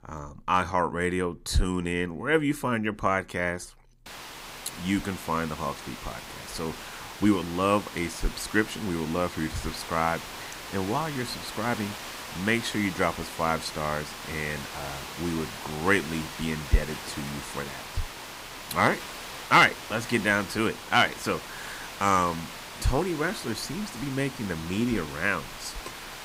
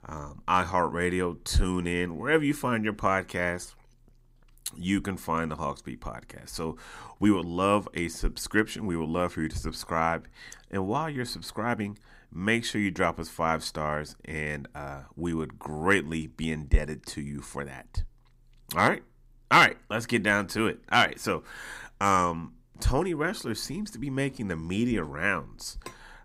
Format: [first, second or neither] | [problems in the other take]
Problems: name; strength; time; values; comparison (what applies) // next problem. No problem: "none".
second | hiss; noticeable; from 4 s on; 10 dB below the speech